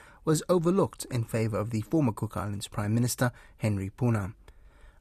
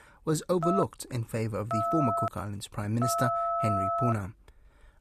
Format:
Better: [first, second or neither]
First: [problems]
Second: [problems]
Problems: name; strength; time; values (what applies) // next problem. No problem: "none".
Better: first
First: none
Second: phone ringing; loud; from 0.5 to 4 s; peak 3 dB above the speech